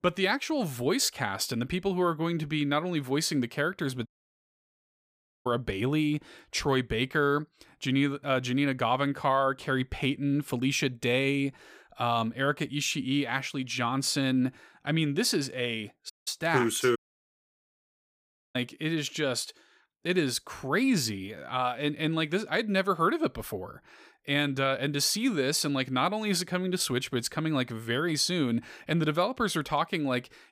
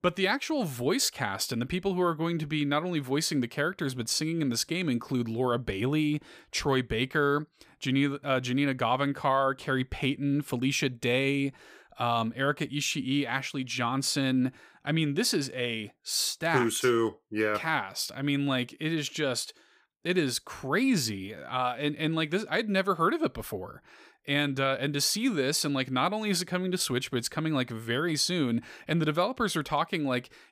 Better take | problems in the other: second | audio cutting out; at 4 s for 1.5 s, at 16 s and at 17 s for 1.5 s

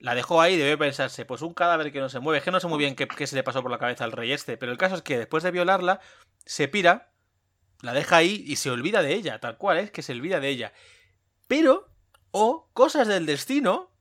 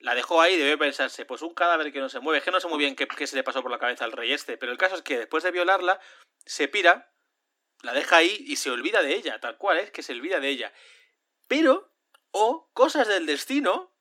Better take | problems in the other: first | thin; very slightly; fading below 250 Hz

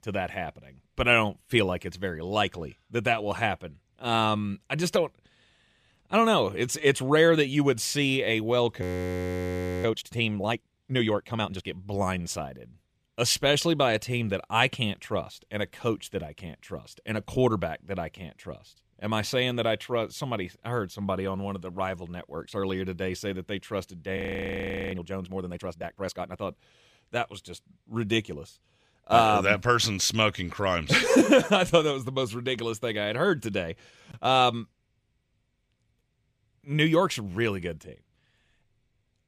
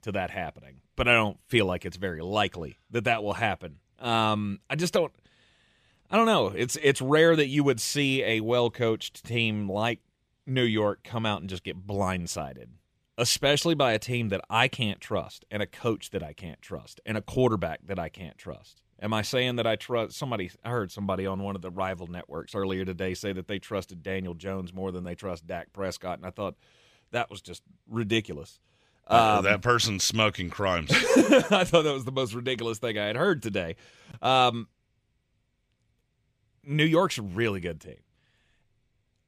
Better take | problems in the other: second | audio freezing; at 9 s for 1 s and at 24 s for 0.5 s

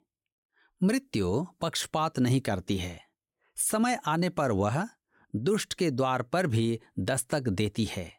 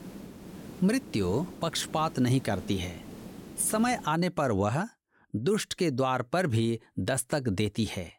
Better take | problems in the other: first | hiss; noticeable; until 4 s; 15 dB below the speech

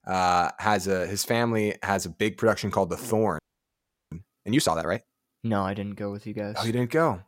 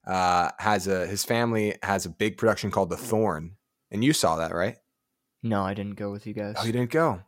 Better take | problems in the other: second | audio freezing; at 3.5 s for 0.5 s

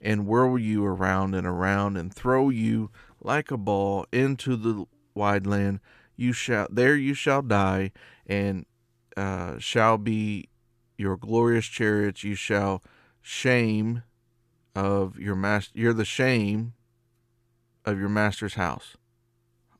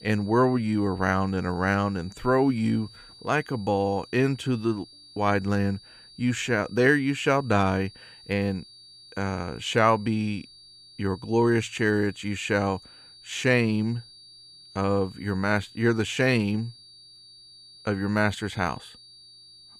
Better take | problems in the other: first | high-pitched whine; faint; throughout; 4.5 kHz, 20 dB below the speech

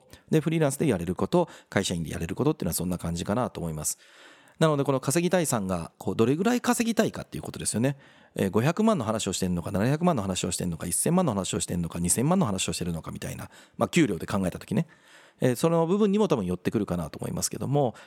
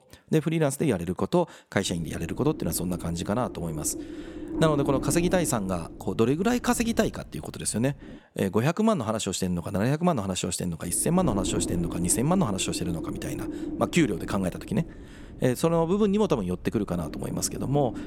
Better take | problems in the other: first | wind noise on the microphone; occasional gusts; from 2 to 8 s and from 11 s on; 10 dB below the speech

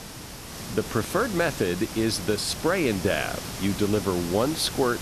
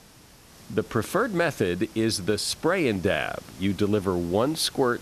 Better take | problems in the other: second | hiss; loud; throughout; 9 dB below the speech; faint in the second

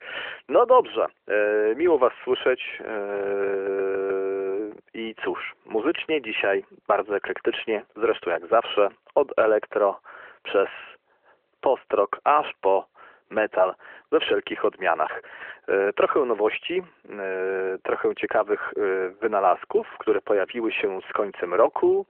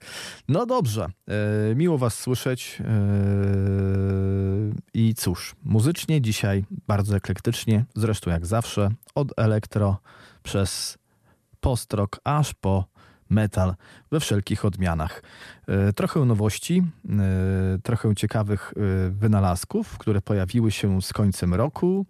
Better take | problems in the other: second | phone-call audio; nothing above 3 kHz

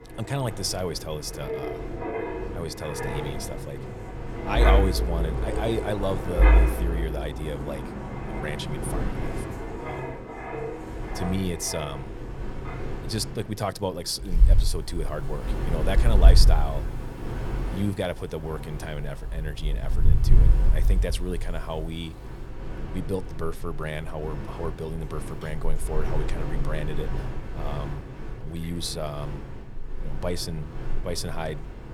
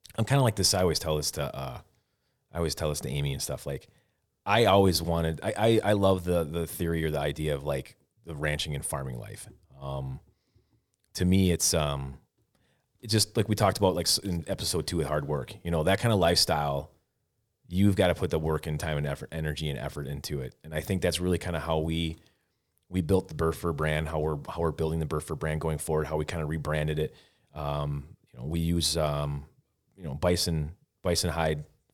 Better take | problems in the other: second | wind in the background; very loud; throughout; 4 dB above the speech

